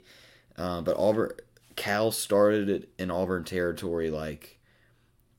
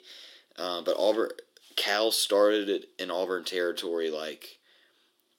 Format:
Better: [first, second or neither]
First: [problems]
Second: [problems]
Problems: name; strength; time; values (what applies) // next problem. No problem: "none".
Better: first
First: none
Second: thin; somewhat; fading below 300 Hz